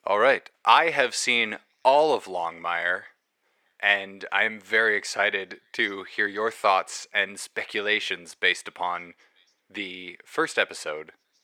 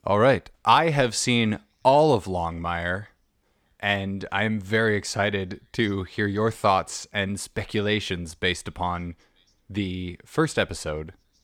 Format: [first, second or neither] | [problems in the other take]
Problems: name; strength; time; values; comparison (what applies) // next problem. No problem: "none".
second | thin; very; fading below 450 Hz